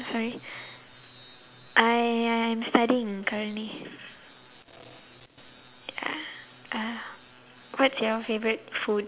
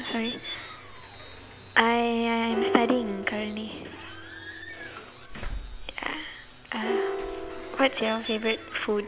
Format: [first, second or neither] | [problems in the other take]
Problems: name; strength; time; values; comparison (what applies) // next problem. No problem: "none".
first | background sound (Squeak / Slam / Alarm / Wood + Piano); 6 dB below the speech